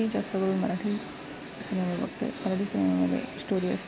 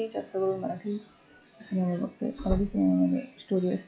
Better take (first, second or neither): first